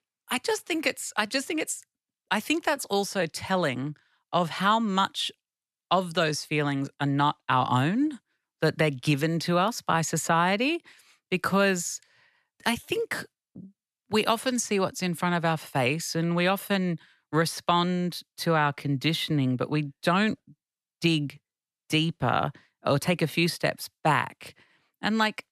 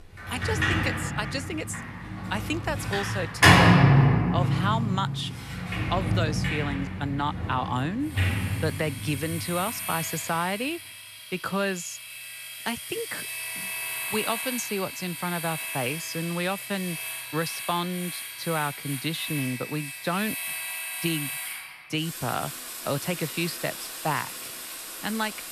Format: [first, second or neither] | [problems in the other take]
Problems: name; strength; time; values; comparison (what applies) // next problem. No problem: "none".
first | household noises; very loud; throughout; 3 dB above the speech